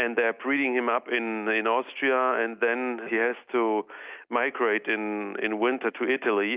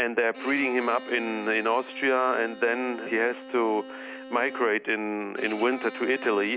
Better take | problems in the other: first | background sound (Bowed string instrument); 15 dB below the speech

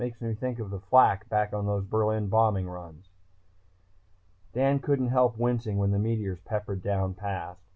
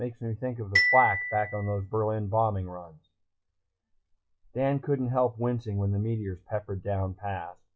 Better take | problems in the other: first | noise reduction (classical method log-MMSE)

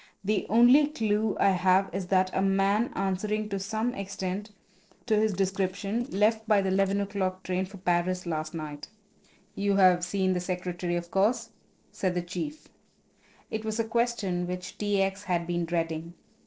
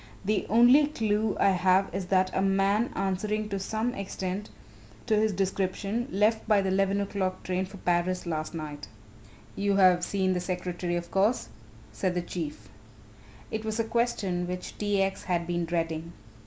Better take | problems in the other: second | noise reduction (neural separator model SepFormer DNS4)

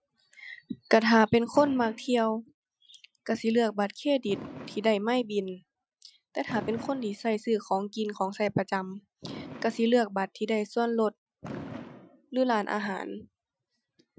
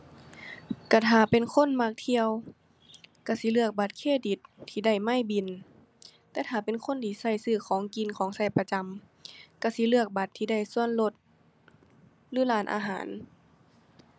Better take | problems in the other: second | noise reduction (classical method Wiener filter)

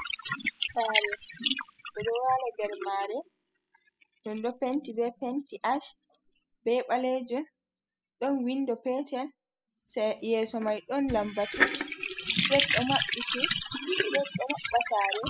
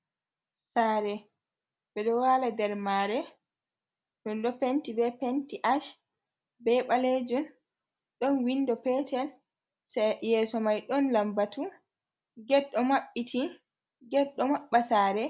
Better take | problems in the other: second | noise reduction (classical method spectral subtraction)

